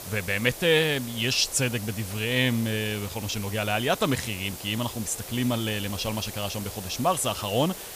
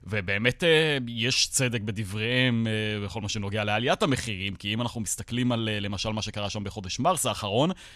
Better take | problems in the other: second | hiss; noticeable; throughout; 10 dB below the speech

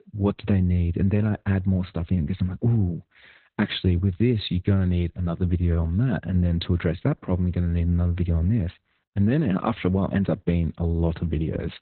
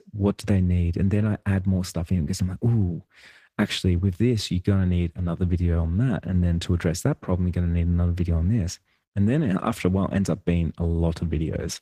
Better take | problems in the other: second | garbled, watery; badly; nothing above 4 kHz; slightly in the second

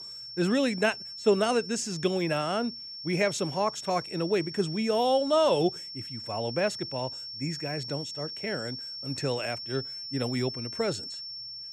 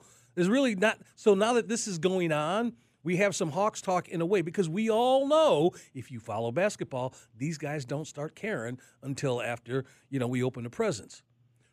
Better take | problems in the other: second | high-pitched whine; loud; throughout; 5.5 kHz, 8 dB below the speech

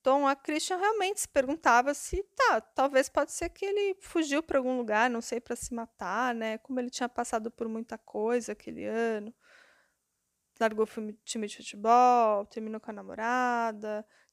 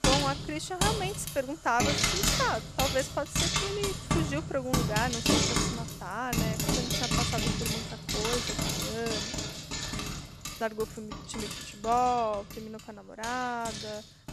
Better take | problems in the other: first | household noises; very loud; throughout; 3 dB above the speech

